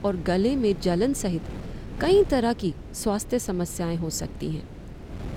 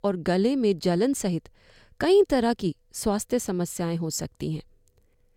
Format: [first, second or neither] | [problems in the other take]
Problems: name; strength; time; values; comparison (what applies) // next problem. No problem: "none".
second | wind noise on the microphone; occasional gusts; 20 dB below the speech